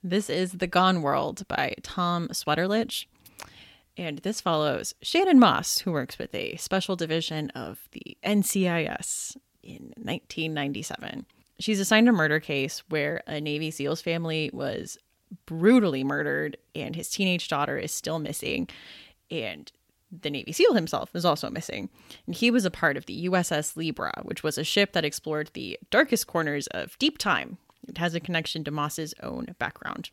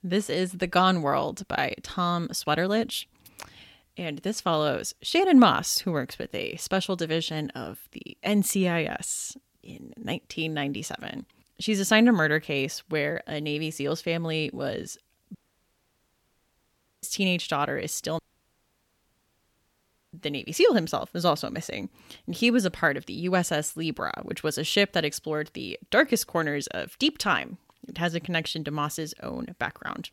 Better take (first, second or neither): first